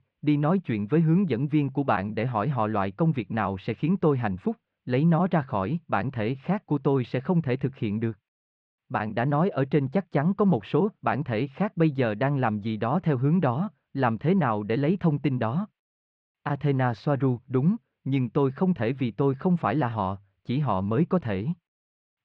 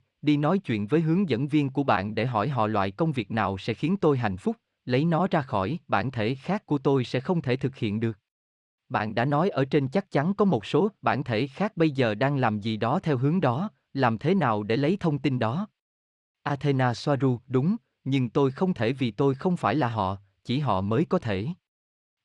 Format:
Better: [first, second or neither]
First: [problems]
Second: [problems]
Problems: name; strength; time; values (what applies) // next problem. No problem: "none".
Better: second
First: muffled; slightly; fading above 2.5 kHz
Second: none